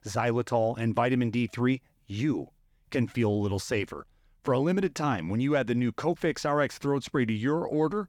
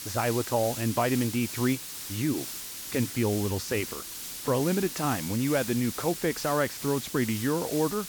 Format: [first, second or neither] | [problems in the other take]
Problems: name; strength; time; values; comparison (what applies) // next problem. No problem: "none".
first | hiss; loud; throughout; 7 dB below the speech